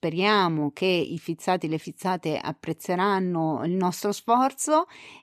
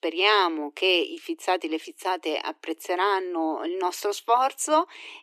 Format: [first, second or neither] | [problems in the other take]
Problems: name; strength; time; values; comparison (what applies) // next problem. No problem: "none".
first | thin; very; fading below 300 Hz